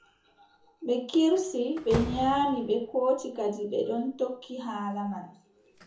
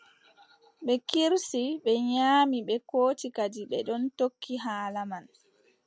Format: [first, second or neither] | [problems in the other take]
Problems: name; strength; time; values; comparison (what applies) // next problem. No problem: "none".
second | background sound (Slam); 14 dB below the speech // room echo; dies away in 0.7 s